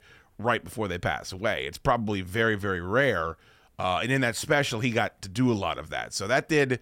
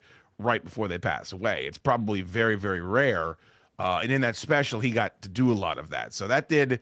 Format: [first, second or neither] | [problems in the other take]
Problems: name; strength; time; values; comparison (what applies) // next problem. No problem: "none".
first | garbled, watery; slightly; nothing above 7.5 kHz